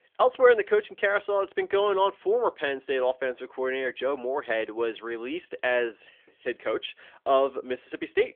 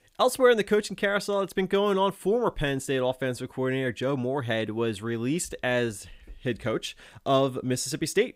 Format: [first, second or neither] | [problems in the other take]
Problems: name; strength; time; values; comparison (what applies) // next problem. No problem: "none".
second | phone-call audio; nothing above 3.5 kHz